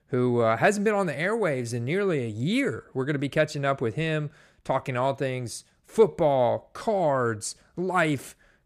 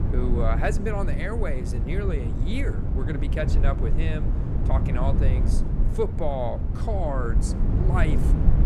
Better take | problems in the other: first | wind noise on the microphone; heavy; 6 dB below the speech

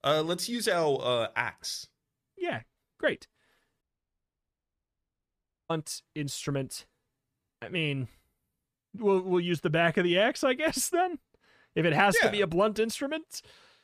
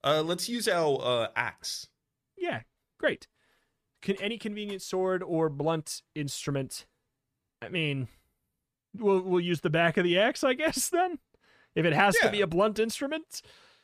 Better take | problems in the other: second | audio cutting out; at 4 s for 2 s

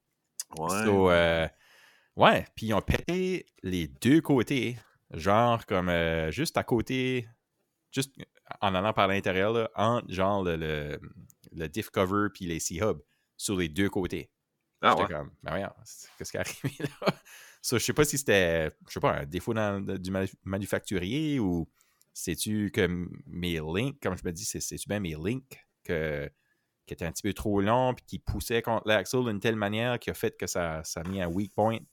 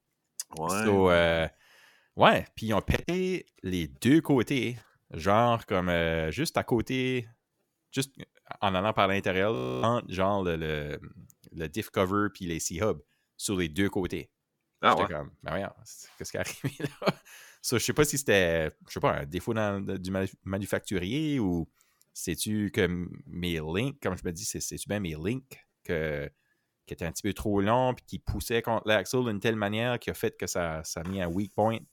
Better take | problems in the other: first | audio freezing; at 9.5 s

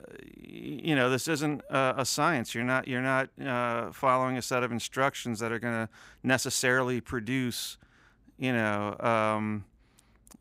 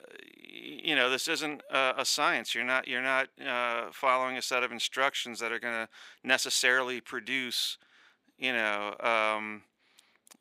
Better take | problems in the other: first | thin; somewhat; fading below 400 Hz

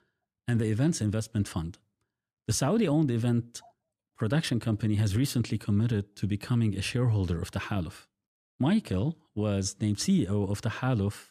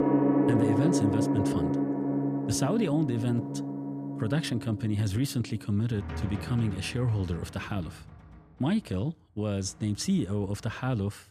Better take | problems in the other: first | background music; very loud; throughout; 1 dB above the speech

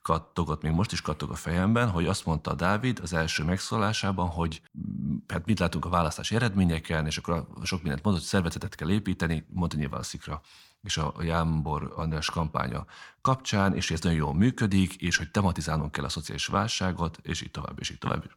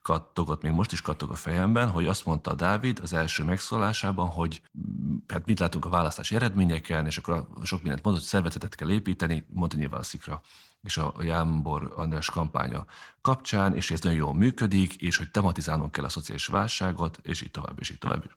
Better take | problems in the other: first | garbled, watery; slightly; nothing above 18 kHz

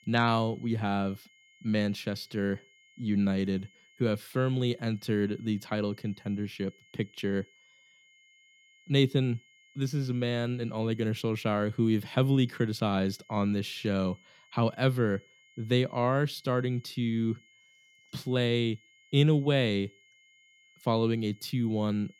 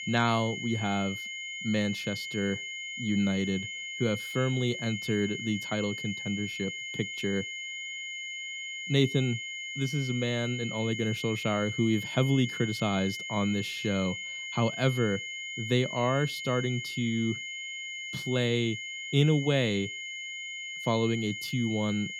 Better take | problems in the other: first | high-pitched whine; loud; throughout; 2 kHz, 5 dB below the speech; faint in the first

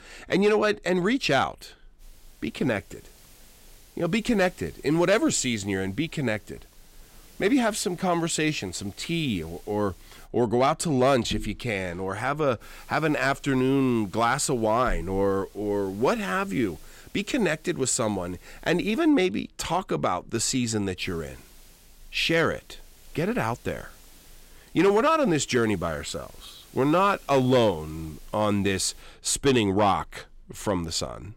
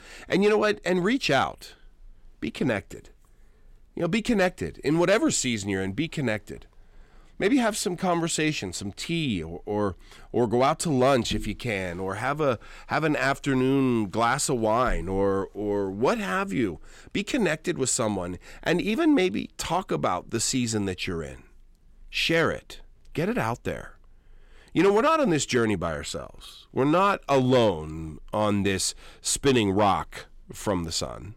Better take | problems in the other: second | hiss; faint; from 2 to 10 s, from 13 to 19 s and from 21 to 29 s; 25 dB below the speech

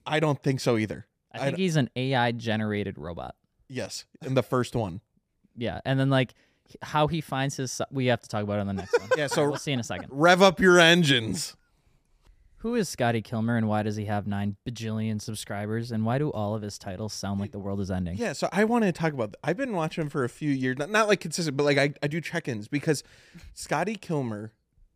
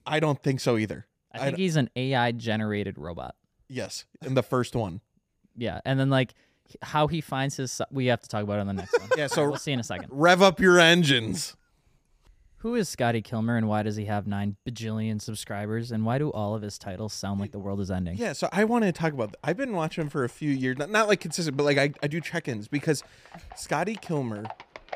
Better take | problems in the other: first | animal sounds; faint; throughout; 25 dB below the speech

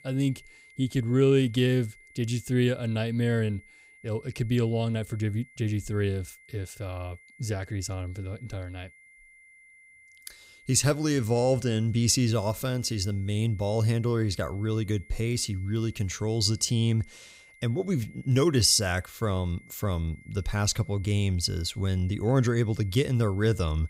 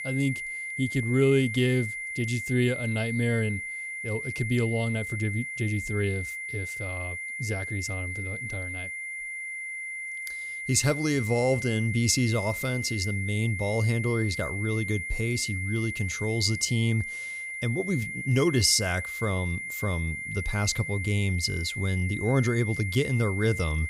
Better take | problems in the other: first | high-pitched whine; loud; throughout; 2 kHz, 5 dB below the speech; faint in the first

